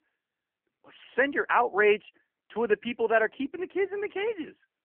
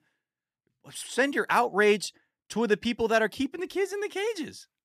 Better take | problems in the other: second | phone-call audio; poor line; nothing above 3 kHz

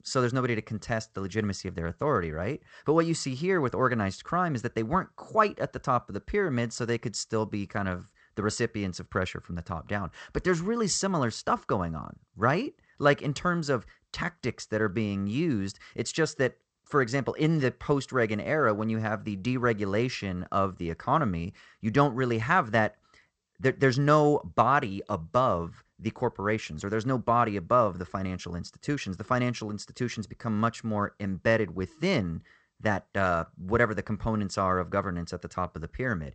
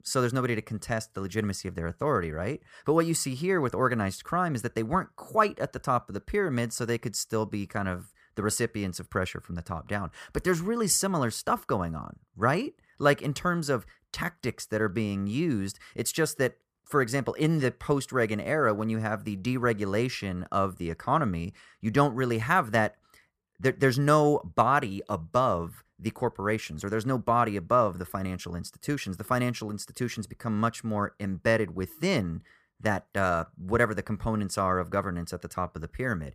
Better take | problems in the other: second | garbled, watery; slightly; nothing above 8 kHz

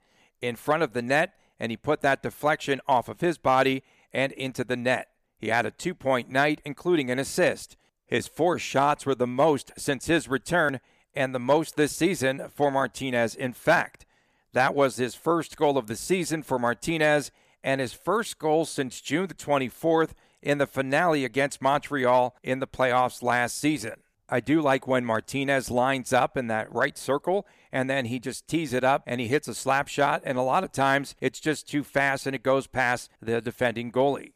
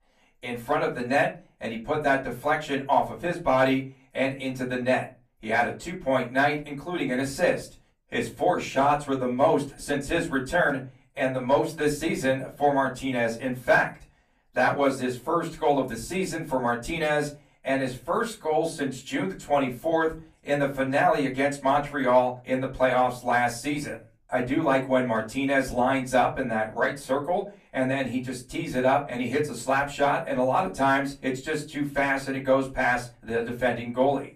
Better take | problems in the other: first | off-mic speech; far // room echo; very slight; dies away in 0.3 s

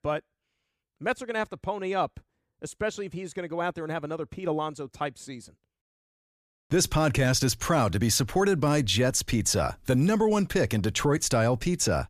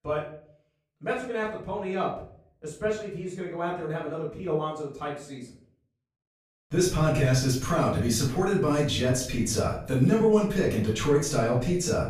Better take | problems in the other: first | off-mic speech; far // room echo; noticeable; dies away in 0.5 s

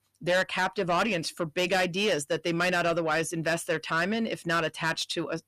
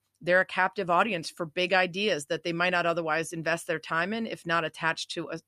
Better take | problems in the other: second | distortion; heavy; 8 dB below the speech

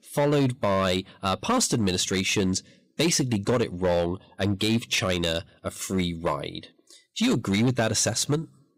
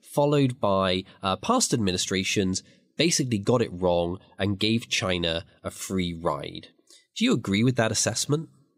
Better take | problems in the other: second | distortion; slight; 8% of the sound clipped

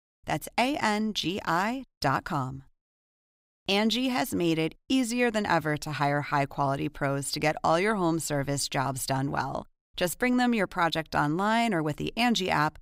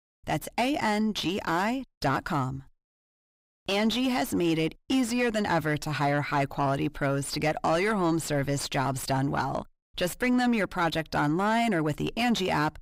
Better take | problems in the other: first | distortion; slight; 10 dB below the speech

